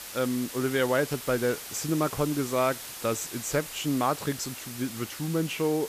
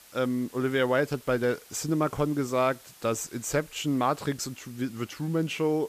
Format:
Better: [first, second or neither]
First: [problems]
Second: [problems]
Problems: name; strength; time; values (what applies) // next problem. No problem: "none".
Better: second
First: hiss; loud; throughout; 9 dB below the speech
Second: hiss; faint; throughout; 20 dB below the speech